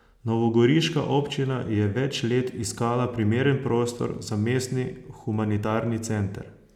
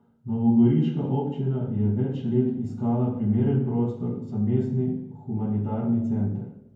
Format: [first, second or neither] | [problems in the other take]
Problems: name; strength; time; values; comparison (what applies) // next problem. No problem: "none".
first | room echo; dies away in 0.9 s